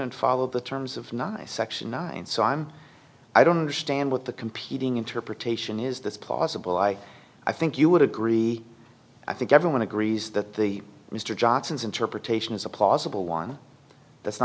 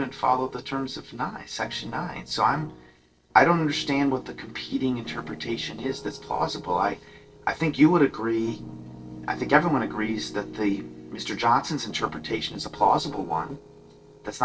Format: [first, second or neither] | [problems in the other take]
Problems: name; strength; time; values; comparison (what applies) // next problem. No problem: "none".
first | noise reduction (neural separator model SepFormer DNS4)